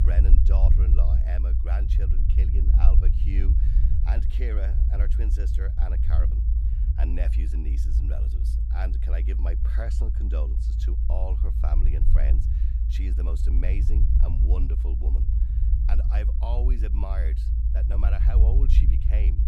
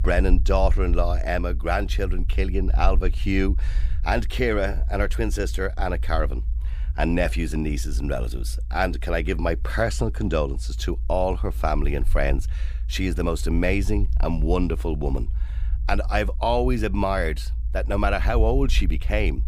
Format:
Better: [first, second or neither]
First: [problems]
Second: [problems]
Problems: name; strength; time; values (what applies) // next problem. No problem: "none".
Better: second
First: low rumble; loud; throughout; 2 dB below the speech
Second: low rumble; faint; throughout; 20 dB below the speech